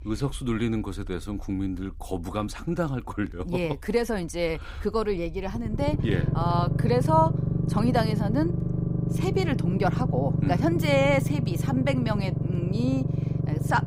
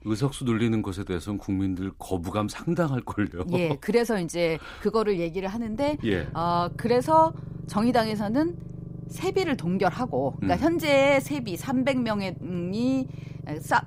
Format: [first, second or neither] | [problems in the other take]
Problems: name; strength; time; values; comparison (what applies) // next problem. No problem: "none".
second | low rumble; loud; throughout; 7 dB below the speech; faint in the second